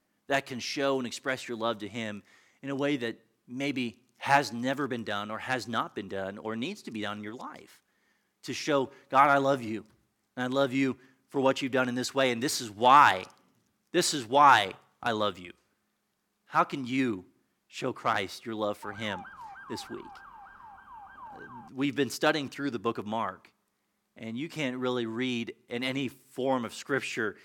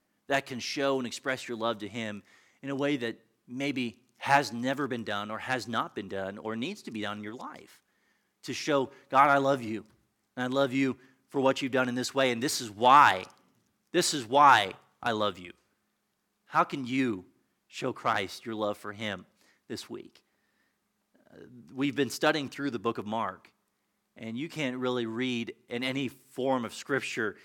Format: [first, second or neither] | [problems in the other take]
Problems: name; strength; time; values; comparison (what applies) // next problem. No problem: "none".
second | siren; faint; from 19 to 22 s; peak 15 dB below the speech